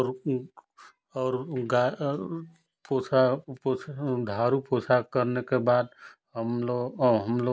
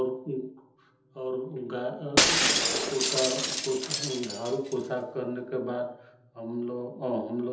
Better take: first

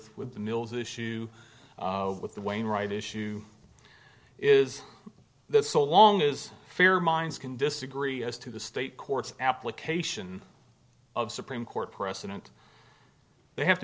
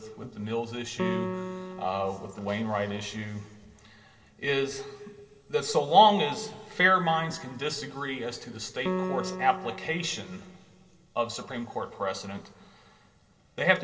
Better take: first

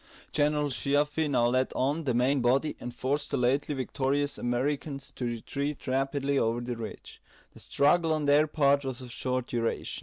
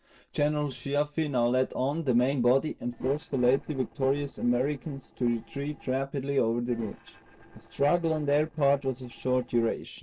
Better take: first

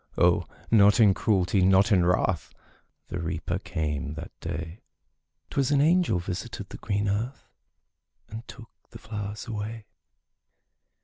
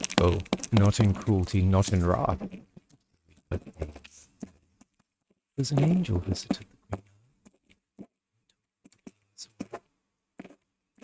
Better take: first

